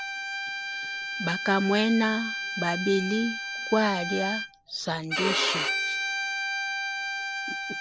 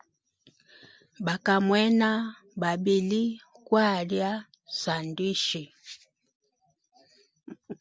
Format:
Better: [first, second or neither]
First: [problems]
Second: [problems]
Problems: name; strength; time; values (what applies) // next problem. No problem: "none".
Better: second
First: background sound (Bowed string instrument); 2 dB below the speech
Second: none